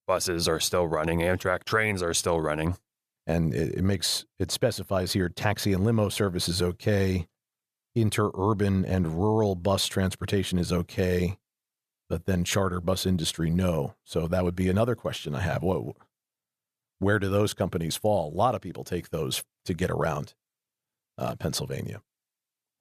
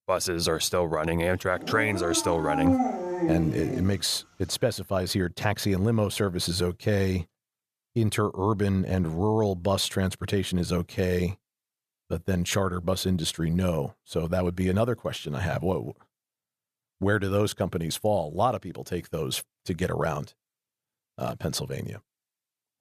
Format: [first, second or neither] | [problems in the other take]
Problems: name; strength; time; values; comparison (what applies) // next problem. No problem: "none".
first | dog barking; loud; from 1.5 to 4 s; peak 3 dB above the speech